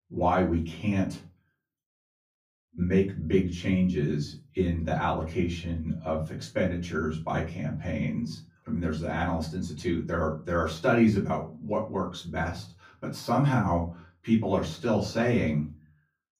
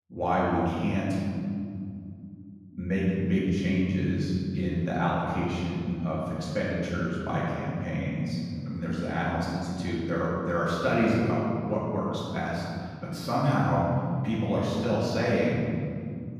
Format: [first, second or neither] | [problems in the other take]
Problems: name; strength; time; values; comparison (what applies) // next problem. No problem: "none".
first | room echo; strong; dies away in 3 s; slight in the first // off-mic speech; far; far in the first